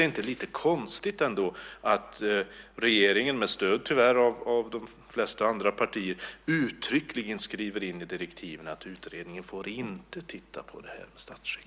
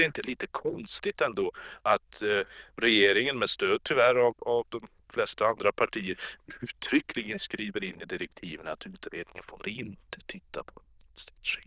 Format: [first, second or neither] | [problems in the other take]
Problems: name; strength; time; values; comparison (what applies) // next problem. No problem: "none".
first | noise reduction (neural diffusion model UNIVERSE++)